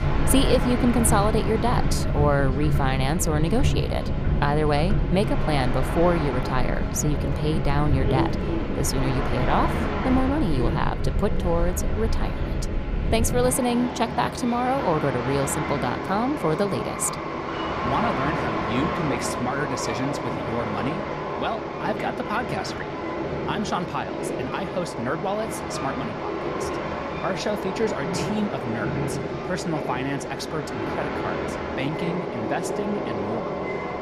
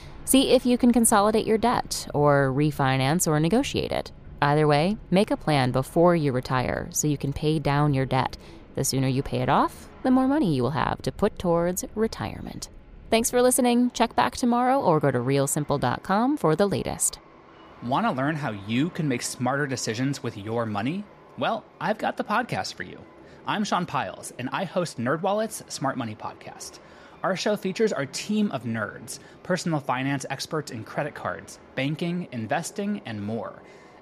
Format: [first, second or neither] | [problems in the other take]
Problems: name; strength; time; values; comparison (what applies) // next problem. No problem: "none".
second | train or aircraft noise; loud; throughout; 1 dB below the speech; faint in the second